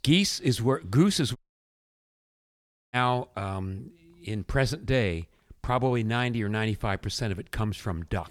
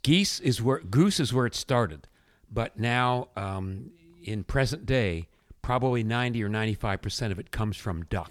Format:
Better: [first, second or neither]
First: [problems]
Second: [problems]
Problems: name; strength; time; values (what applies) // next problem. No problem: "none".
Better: second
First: audio cutting out; at 1.5 s for 1.5 s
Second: none